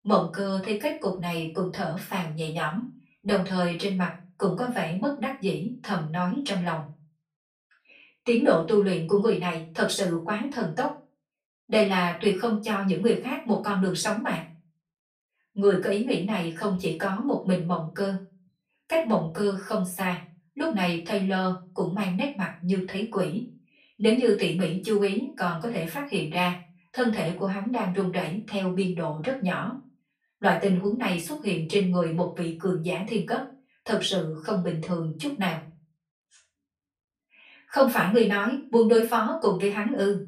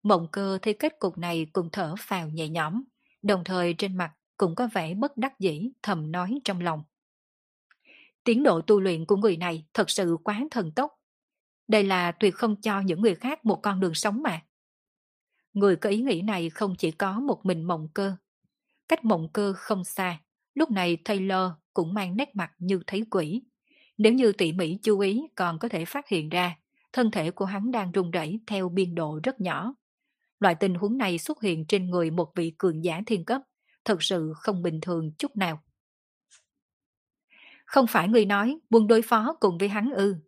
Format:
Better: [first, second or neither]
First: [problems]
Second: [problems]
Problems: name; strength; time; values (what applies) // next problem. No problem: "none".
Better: second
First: off-mic speech; far // room echo; slight; dies away in 0.3 s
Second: none